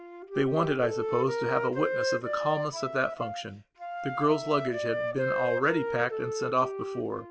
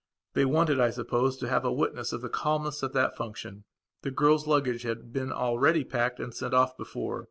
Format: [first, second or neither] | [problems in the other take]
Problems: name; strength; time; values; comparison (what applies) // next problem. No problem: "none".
second | background sound (Wind instrument, woodwind instrument); 3 dB below the speech